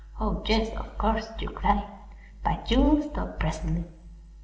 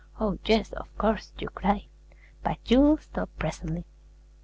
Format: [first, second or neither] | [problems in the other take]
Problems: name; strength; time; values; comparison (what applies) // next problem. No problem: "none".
second | room echo; dies away in 0.9 s